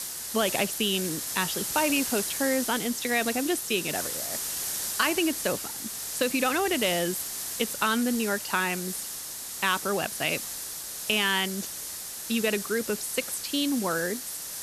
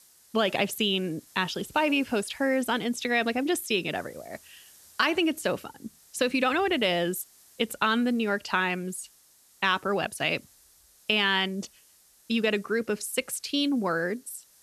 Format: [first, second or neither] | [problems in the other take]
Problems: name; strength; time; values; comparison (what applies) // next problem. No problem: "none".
second | hiss; loud; throughout; 4 dB below the speech; faint in the second